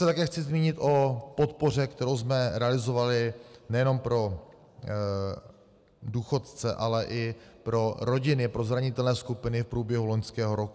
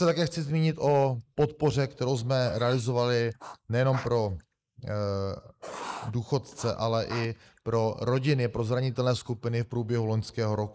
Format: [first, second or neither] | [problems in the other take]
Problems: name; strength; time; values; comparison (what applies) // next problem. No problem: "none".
first | noise reduction (neural mask model Resemble Enhance denoiser)